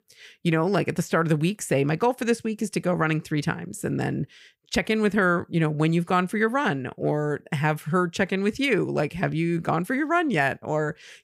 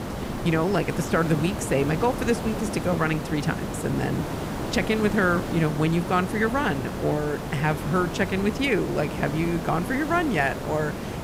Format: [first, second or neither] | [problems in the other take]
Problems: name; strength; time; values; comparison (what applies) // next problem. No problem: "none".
first | hiss; loud; throughout; 6 dB below the speech